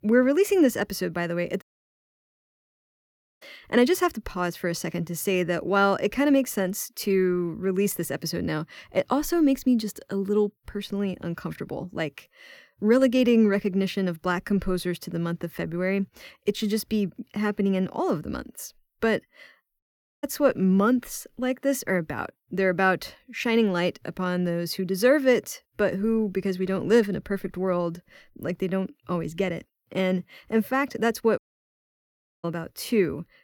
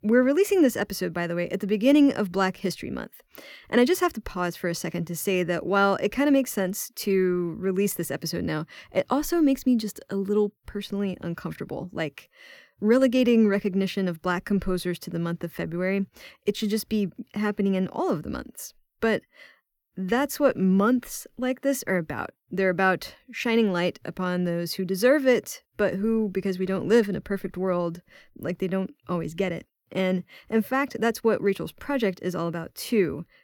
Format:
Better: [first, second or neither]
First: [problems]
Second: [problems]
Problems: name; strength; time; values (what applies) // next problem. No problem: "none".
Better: second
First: audio cutting out; at 1.5 s for 2 s, at 20 s and at 31 s for 1 s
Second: none